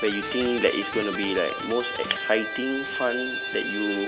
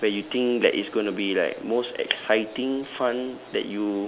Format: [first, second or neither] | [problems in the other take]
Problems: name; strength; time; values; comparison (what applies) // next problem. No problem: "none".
second | background sound (Electric guitar); 5 dB below the speech